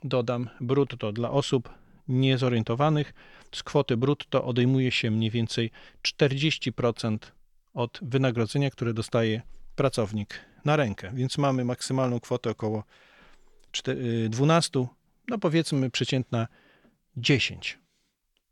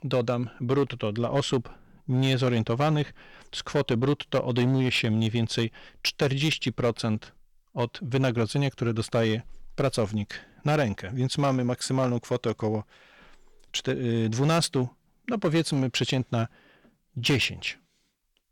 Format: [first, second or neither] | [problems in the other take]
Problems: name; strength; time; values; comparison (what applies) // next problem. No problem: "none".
first | distortion; slight; 6% of the sound clipped